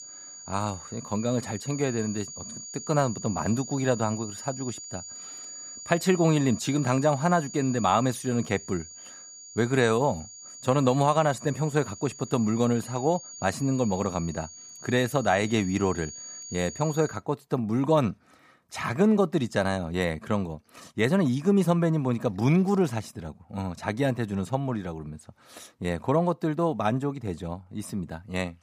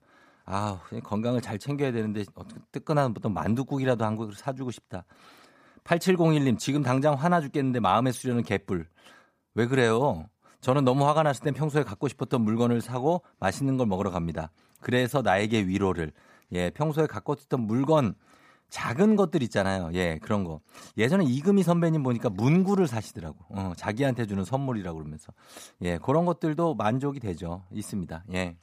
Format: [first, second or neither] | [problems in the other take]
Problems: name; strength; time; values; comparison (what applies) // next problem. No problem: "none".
second | high-pitched whine; noticeable; until 17 s; 7 kHz, 15 dB below the speech